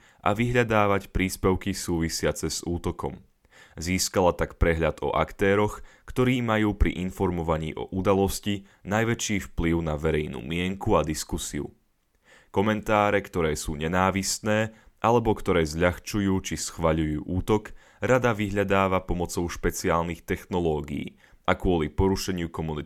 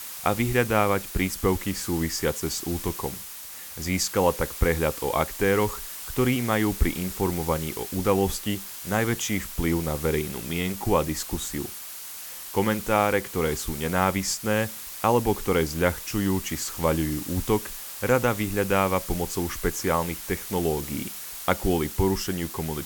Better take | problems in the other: first | hiss; loud; throughout; 9 dB below the speech

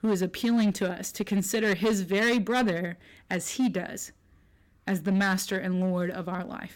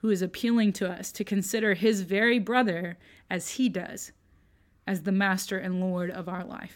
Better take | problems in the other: second | distortion; slight; 8% of the sound clipped

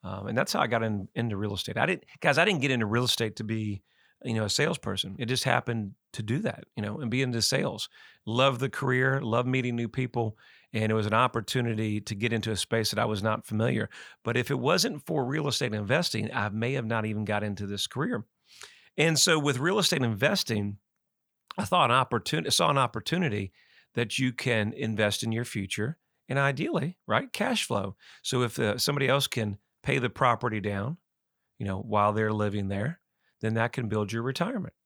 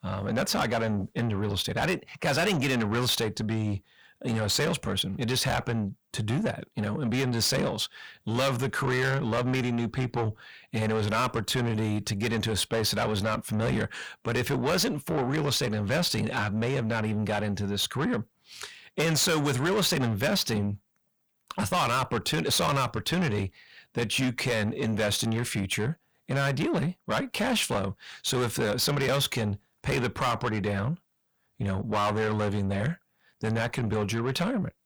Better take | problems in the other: first | distortion; heavy; 6 dB below the speech

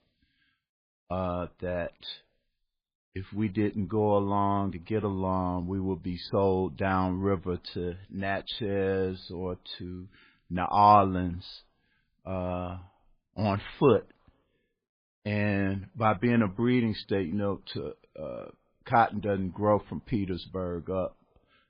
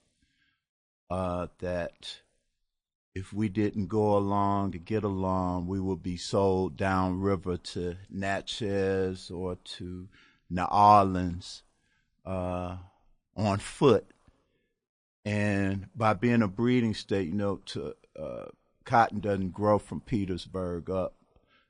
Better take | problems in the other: second | garbled, watery; badly; nothing above 4.5 kHz; slightly in the second

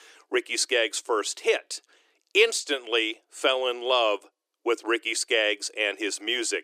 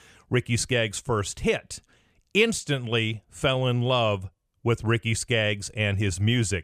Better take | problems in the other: second | thin; very; fading below 300 Hz

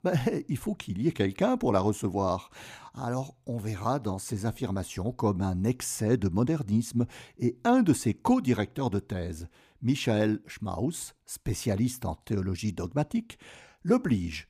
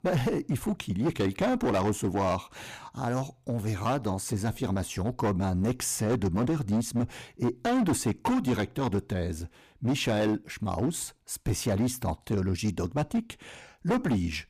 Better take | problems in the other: first | distortion; heavy; 12% of the sound clipped

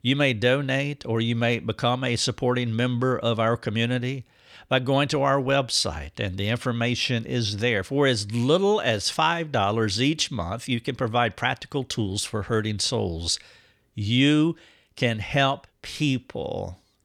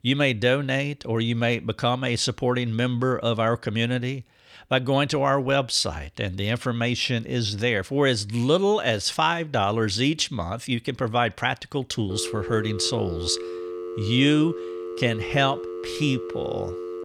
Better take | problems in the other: first | phone ringing; noticeable; from 12 s on; peak 9 dB below the speech

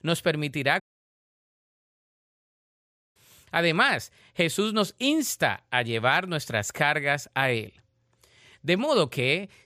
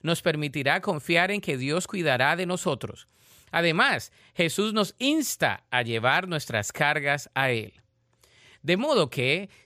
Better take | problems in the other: second | audio cutting out; at 1 s for 2.5 s

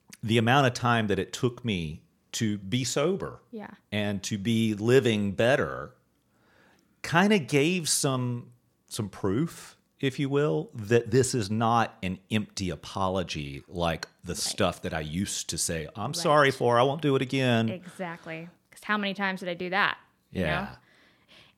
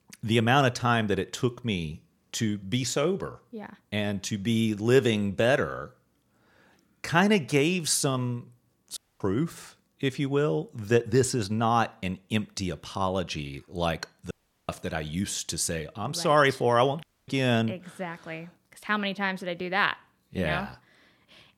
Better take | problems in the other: first | audio cutting out; at 9 s, at 14 s and at 17 s

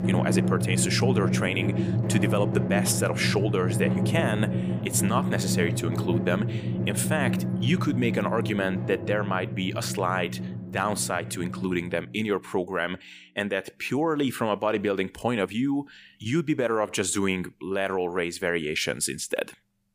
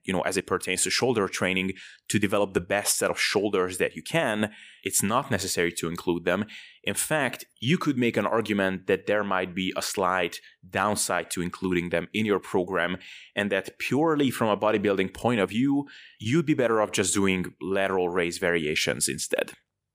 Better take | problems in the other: second | background music; loud; throughout; 1 dB below the speech

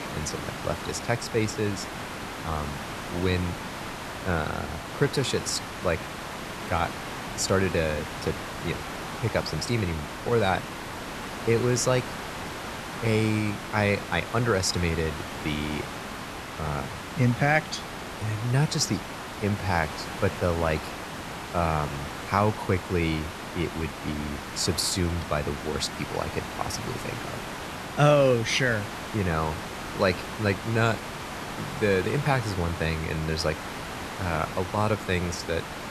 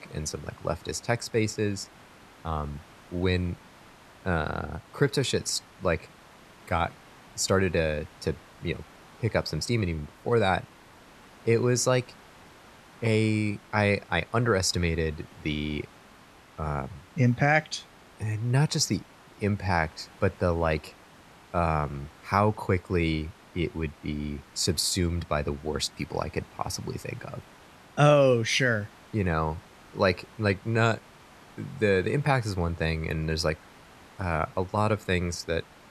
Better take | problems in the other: second | hiss; loud; throughout; 7 dB below the speech; faint in the second

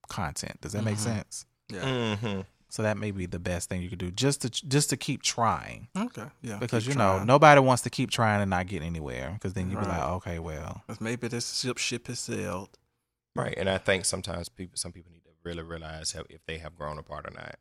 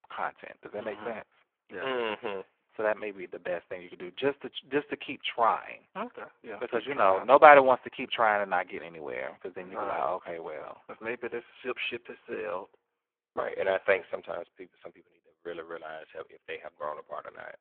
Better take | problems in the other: first | phone-call audio; poor line

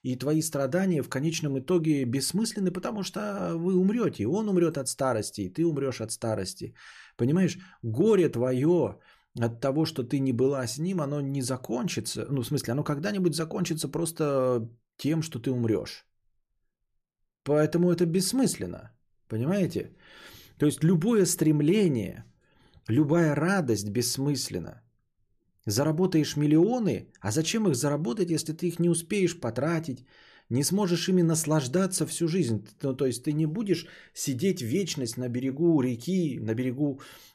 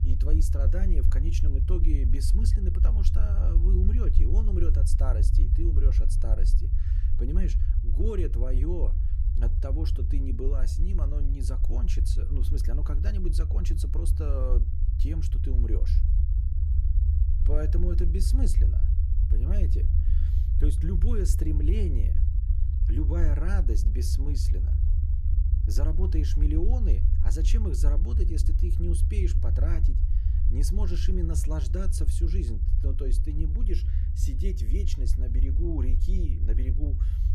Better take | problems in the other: first | low rumble; loud; throughout; 5 dB below the speech

